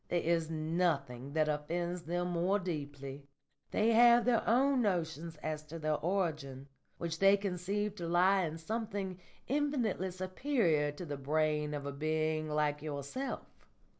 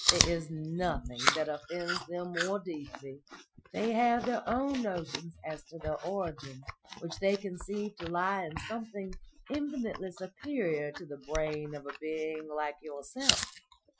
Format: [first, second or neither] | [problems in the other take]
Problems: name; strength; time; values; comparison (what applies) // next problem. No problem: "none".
first | noise reduction (classical method Wiener filter)